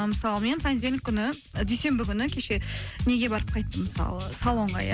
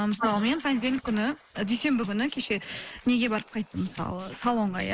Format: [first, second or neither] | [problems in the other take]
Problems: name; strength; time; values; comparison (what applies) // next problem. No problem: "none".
first | noise reduction (neural mask model Resemble Enhance denoiser)